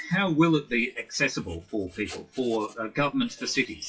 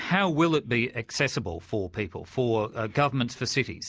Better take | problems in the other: second | noise reduction (classical method WPE with log-MMSE)

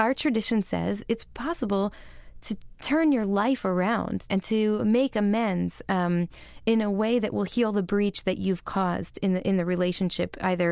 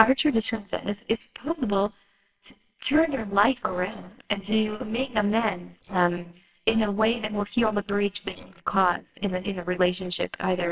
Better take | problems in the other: first | noise reduction (neural separator model SepFormer WHAMR!)

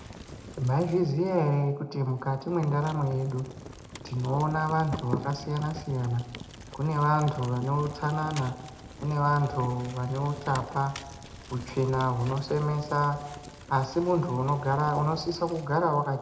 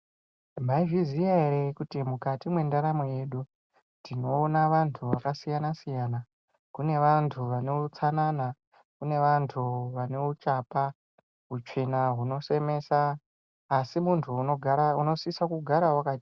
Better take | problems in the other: second | background sound (Fire); 16 dB below the speech // room echo; dies away in 0.6 s

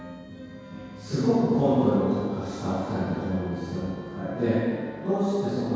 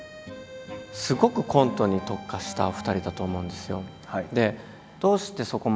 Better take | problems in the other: second | background sound (Wind instrument, woodwind instrument); 18 dB below the speech // room echo; dies away in 2 s

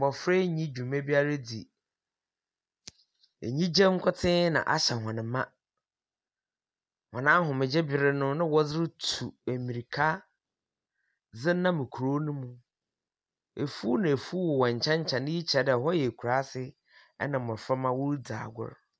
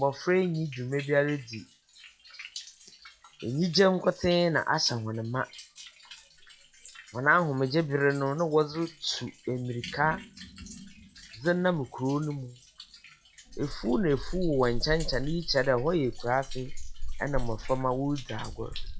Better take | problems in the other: first | noise reduction (classical method log-MMSE)

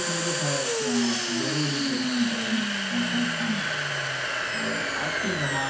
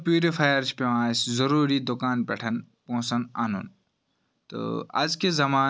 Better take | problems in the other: second | background sound (Domestic sounds, home sounds); 3 dB above the speech // room echo; dies away in 0.6 s

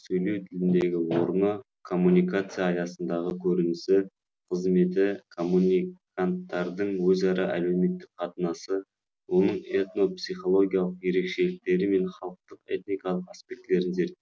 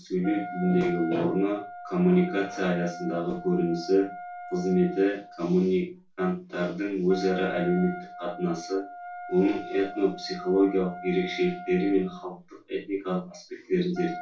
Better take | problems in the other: first | background sound (Wind instrument, woodwind instrument); 14 dB below the speech // room echo; dies away in 0.2 s

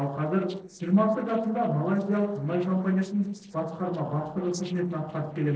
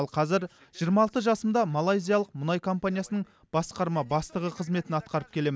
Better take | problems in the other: second | noise reduction (neural separator model SepFormer DNS4)

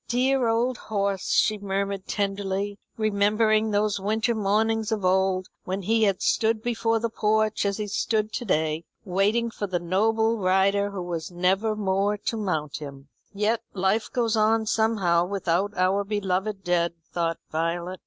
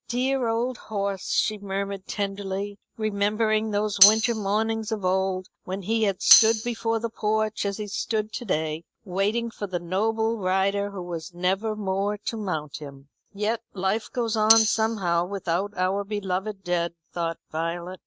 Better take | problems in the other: first | noise reduction (neural mask model RNNoise)

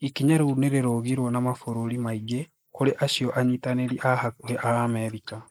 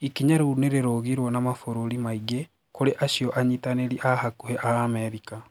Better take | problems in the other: second | noise reduction (neural mask model Resemble Enhance denoiser)

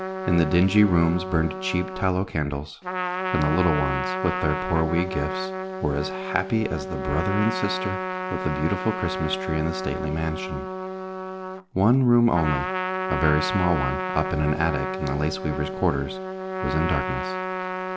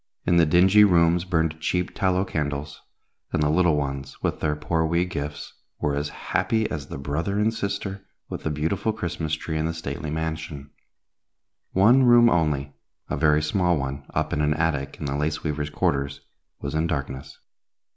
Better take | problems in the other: second | background sound (Trumpet); 4 dB below the speech

